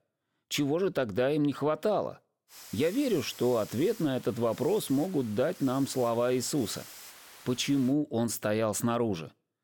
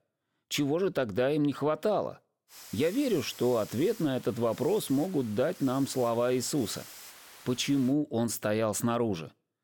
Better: neither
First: hiss; noticeable; from 2.5 to 8 s; 20 dB below the speech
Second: hiss; noticeable; from 2.5 to 8 s; 20 dB below the speech

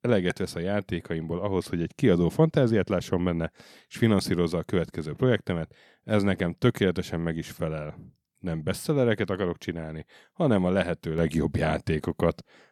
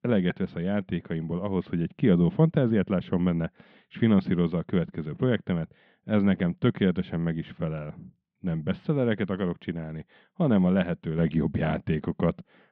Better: first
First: none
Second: muffled; very; fading above 3.5 kHz

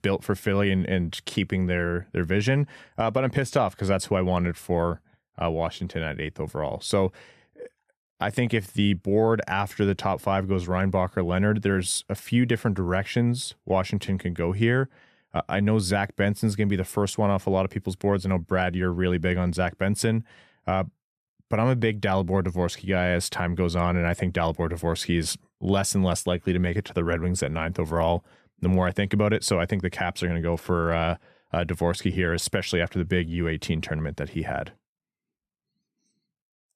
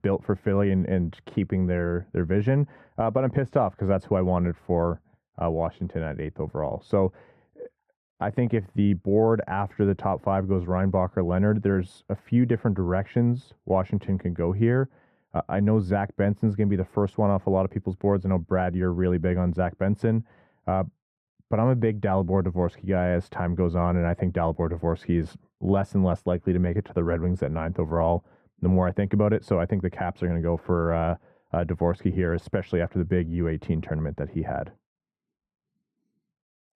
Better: first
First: none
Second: muffled; very; fading above 2.5 kHz

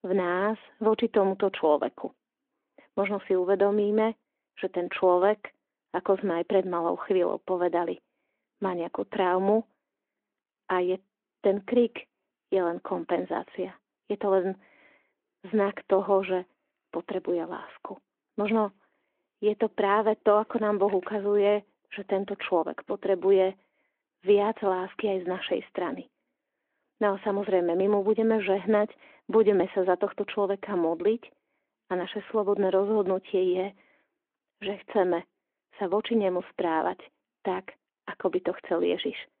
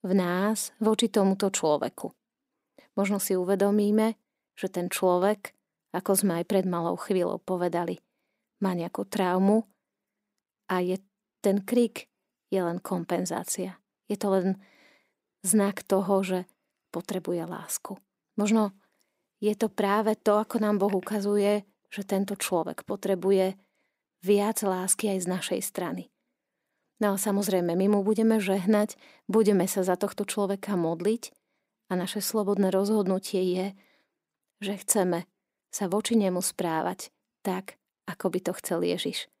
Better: second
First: phone-call audio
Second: none

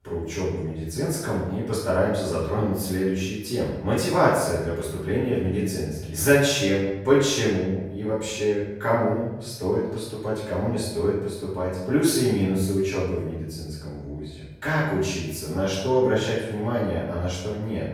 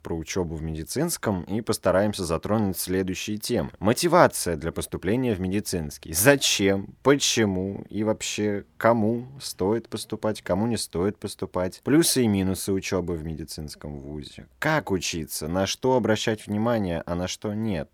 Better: second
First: off-mic speech; far // room echo; noticeable; dies away in 0.9 s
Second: none

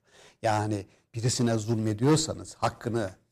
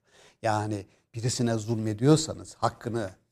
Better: second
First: distortion; slight; 2% of the sound clipped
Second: none

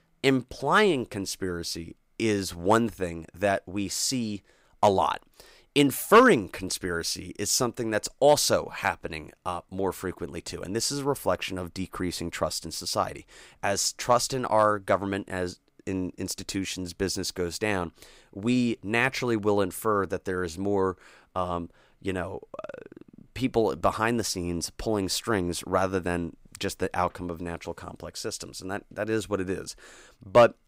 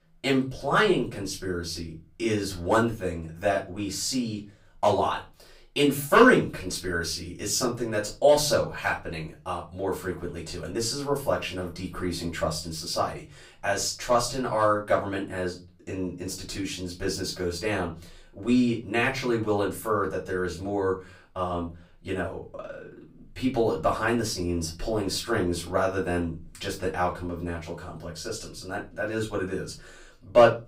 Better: first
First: none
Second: off-mic speech; far // room echo; very slight; dies away in 0.3 s

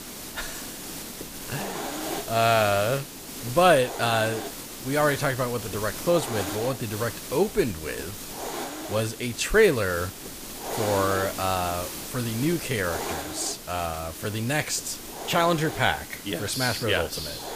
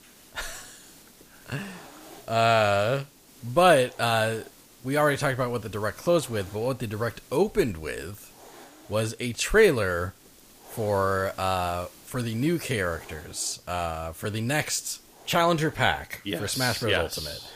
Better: second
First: hiss; loud; throughout; 9 dB below the speech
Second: hiss; faint; throughout; 25 dB below the speech

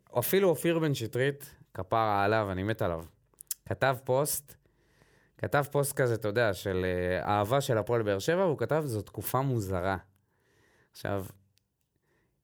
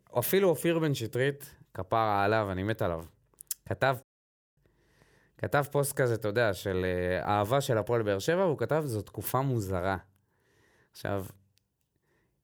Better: first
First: none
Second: audio cutting out; at 4 s for 0.5 s

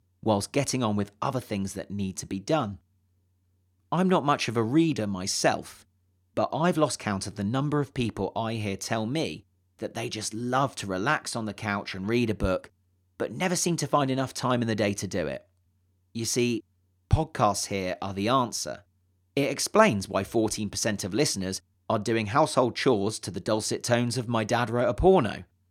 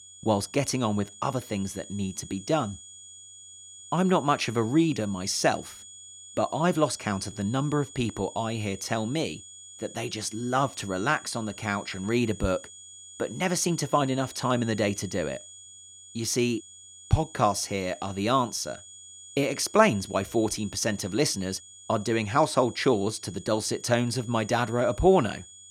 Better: first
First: none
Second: high-pitched whine; noticeable; throughout; 7 kHz, 15 dB below the speech

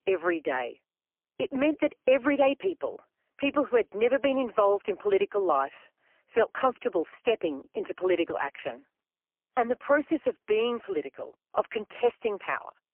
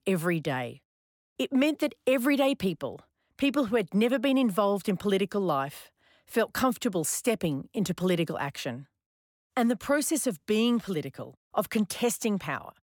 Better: second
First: phone-call audio; poor line; nothing above 3 kHz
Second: none

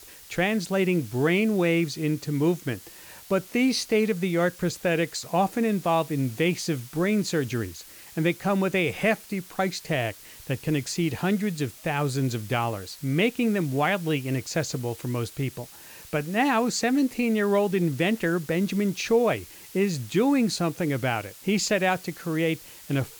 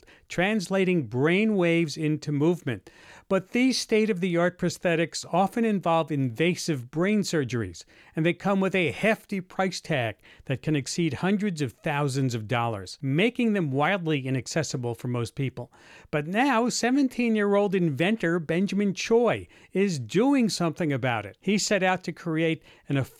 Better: second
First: hiss; noticeable; throughout; 20 dB below the speech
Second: none

